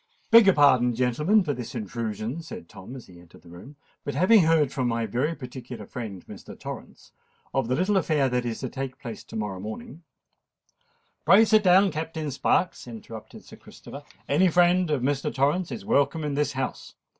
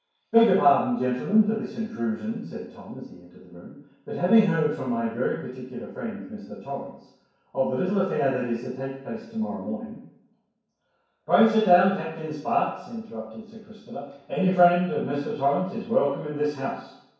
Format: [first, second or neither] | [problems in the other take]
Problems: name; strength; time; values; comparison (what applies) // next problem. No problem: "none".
first | room echo; dies away in 0.7 s